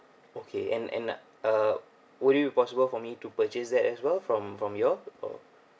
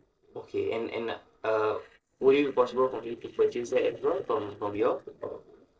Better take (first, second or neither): first